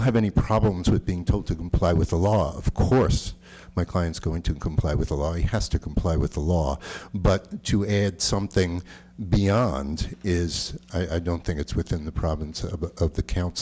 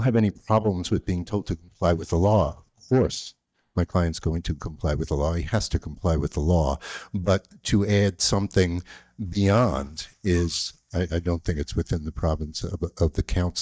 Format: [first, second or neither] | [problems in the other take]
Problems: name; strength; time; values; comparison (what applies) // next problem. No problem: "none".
first | noise reduction (neural mask model DeepFilterNet 3)